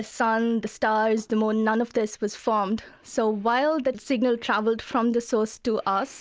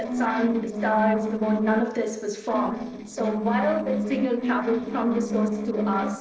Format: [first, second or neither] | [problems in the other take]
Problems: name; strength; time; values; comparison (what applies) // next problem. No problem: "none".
first | noise reduction (neural separator model SepFormer DNS4)